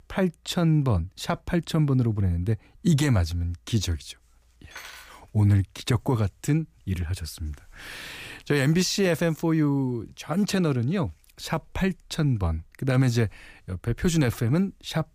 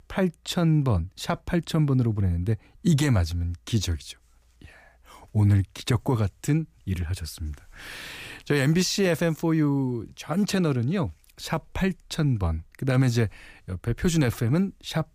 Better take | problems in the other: second | clattering dishes; faint; at 4.5 s; peak 15 dB below the speech

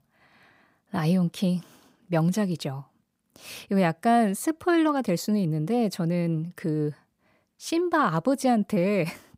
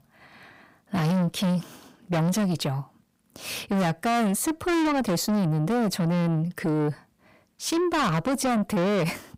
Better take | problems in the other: first | distortion; heavy; 7 dB below the speech

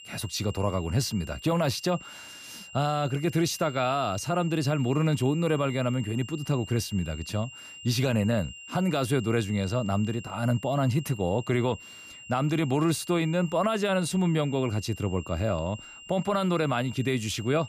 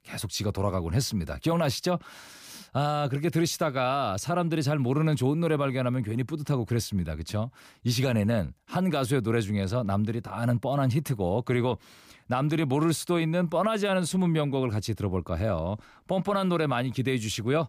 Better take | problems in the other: second | high-pitched whine; noticeable; throughout; 3 kHz, 15 dB below the speech

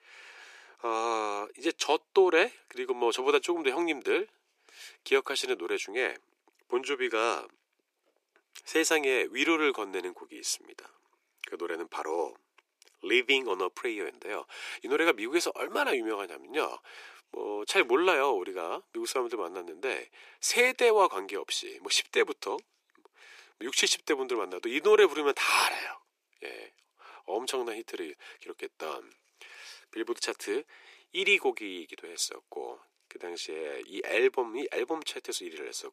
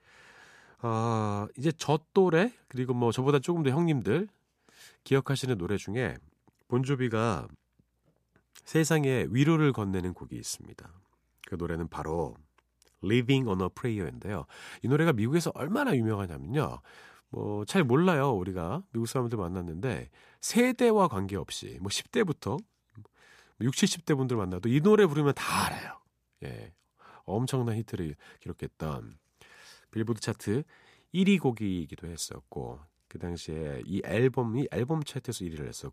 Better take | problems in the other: second | thin; very; fading below 350 Hz

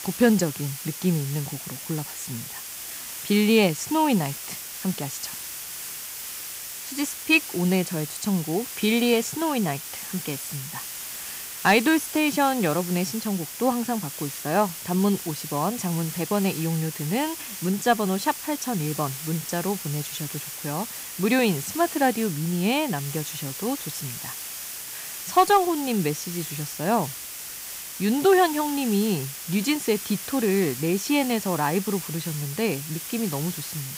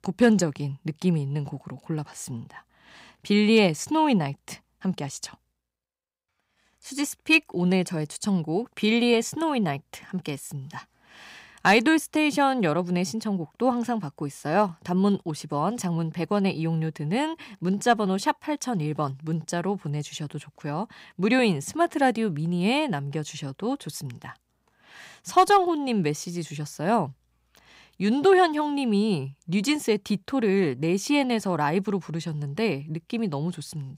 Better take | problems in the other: second | hiss; loud; throughout; 8 dB below the speech

